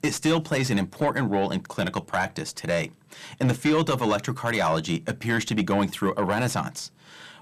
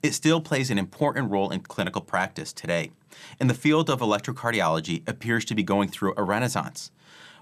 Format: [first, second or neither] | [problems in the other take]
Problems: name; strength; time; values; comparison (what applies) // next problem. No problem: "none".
second | distortion; slight; 10 dB below the speech